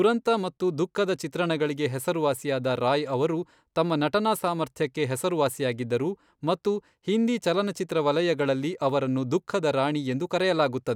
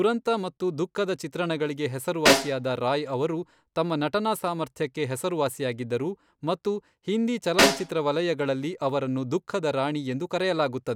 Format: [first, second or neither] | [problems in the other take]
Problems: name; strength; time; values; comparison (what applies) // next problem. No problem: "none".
first | background sound (Snare drum); as loud as the speech